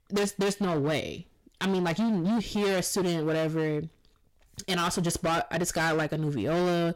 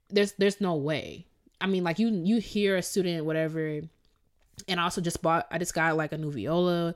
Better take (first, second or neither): second